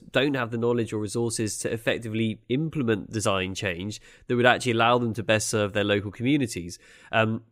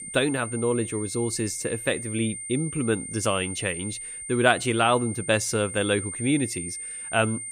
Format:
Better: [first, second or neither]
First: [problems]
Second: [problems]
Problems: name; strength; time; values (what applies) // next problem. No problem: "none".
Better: first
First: none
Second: high-pitched whine; loud; throughout; 9 kHz, 8 dB below the speech